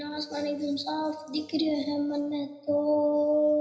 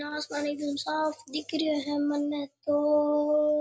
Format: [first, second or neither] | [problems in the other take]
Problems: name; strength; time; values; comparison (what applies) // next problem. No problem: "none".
second | room echo; dies away in 0.9 s